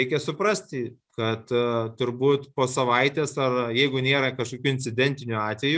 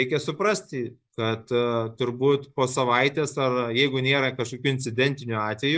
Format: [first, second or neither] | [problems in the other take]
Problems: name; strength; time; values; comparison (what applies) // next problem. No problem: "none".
first | noise reduction (neural mask model Resemble Enhance denoiser)